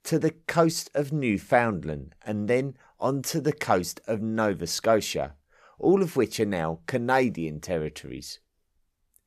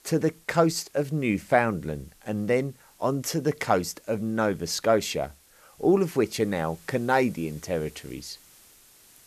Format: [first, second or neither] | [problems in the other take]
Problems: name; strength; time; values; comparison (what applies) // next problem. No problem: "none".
first | hiss; faint; throughout; 25 dB below the speech